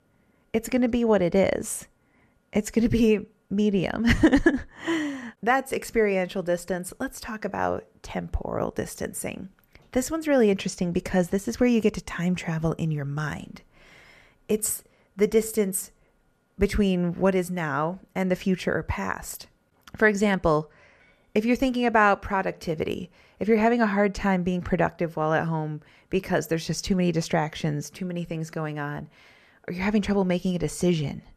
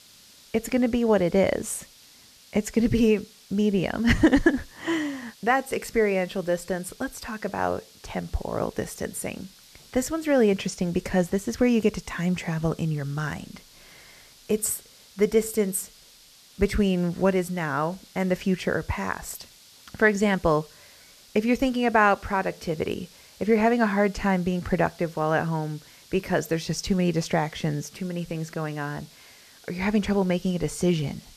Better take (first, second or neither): first